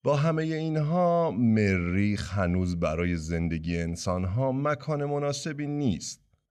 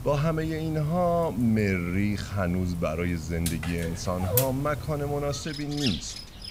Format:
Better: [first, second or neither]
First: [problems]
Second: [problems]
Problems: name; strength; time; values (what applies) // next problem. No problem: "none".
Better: first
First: none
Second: animal sounds; loud; throughout; 7 dB below the speech